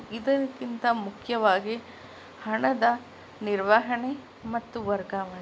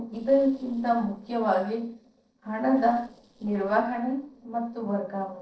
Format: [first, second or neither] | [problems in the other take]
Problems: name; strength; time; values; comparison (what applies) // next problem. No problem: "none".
first | noise reduction (neural separator model SepFormer DNS4)